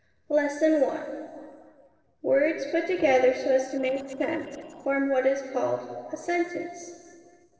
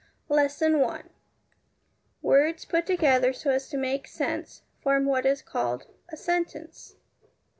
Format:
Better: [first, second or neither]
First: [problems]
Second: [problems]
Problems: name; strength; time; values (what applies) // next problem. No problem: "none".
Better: second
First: noise reduction (neural separator model SepFormer DNS4)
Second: none